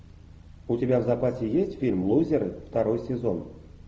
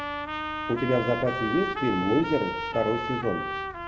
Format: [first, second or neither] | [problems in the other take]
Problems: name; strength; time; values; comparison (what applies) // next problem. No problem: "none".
first | background sound (Trumpet); 4 dB below the speech